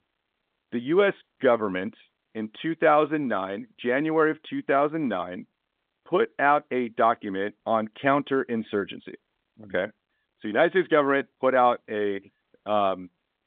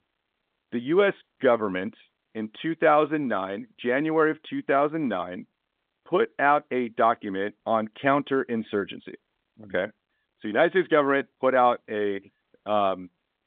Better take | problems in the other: neither | phone-call audio; nothing above 3.5 kHz; the same in both

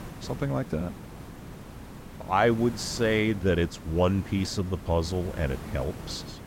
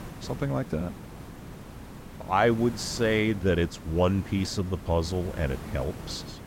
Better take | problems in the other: neither | hiss; noticeable; throughout; 15 dB below the speech; the same in both

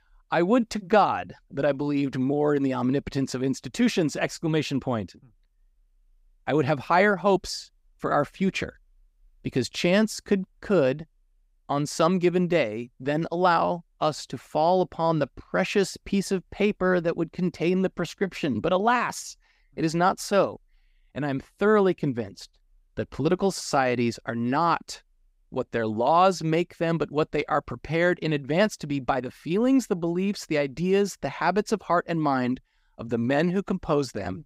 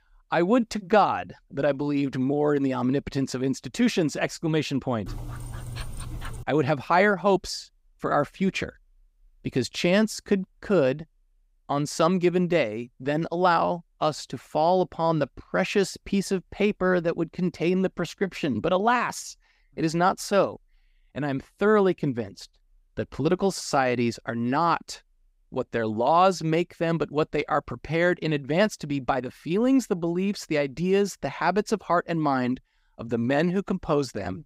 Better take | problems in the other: first | dog barking; faint; from 5 to 6.5 s; peak 10 dB below the speech

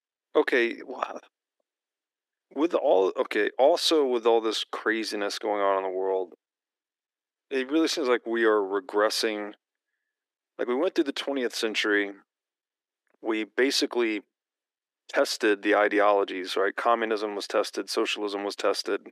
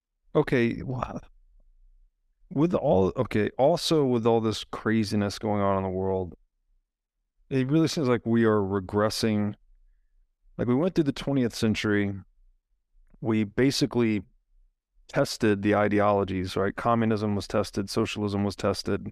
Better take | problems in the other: second | thin; somewhat; fading below 300 Hz

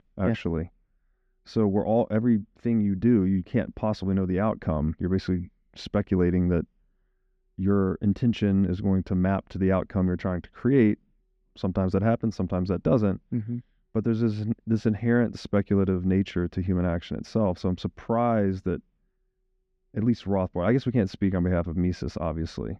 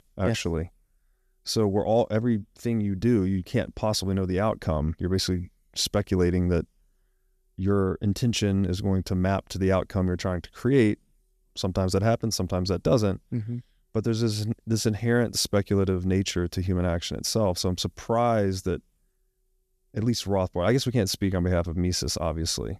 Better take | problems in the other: second | muffled; very; fading above 2 kHz

